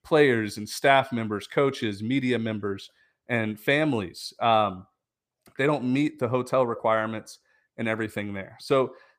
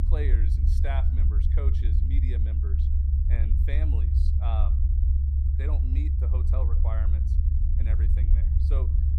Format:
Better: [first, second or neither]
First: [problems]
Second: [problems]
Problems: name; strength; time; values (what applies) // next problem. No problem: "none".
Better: first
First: none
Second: low rumble; loud; throughout; 1 dB below the speech